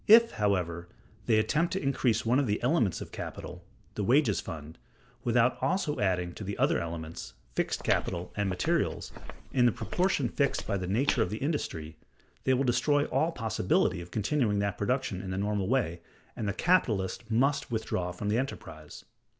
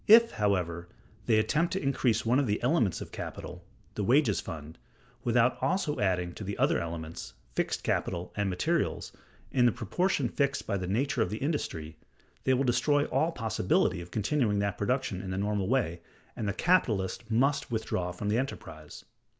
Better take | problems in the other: second | background sound (Walk, footsteps); 8 dB below the speech

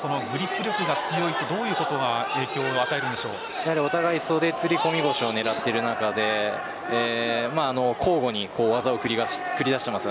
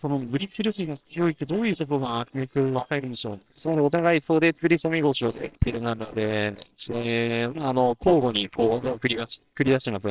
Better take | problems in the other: first | noise reduction (neural separator model SepFormer WHAMR!)

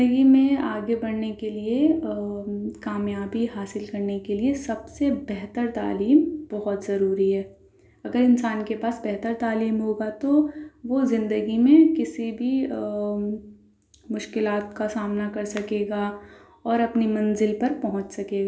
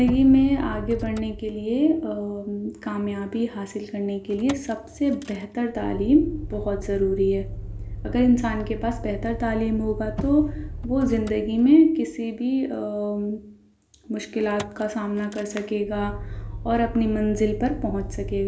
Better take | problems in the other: first | background sound (Motor vehicle (road)); 11 dB below the speech

